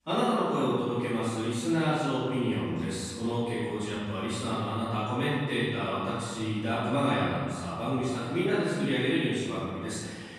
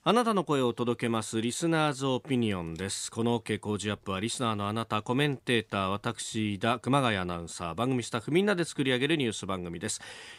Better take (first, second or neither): second